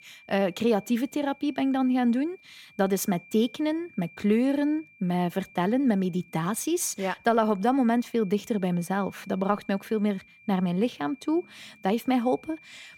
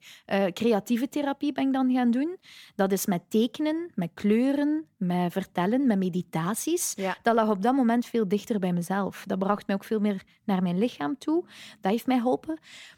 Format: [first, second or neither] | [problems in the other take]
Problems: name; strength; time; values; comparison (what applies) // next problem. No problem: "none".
second | high-pitched whine; faint; throughout; 2.5 kHz, 25 dB below the speech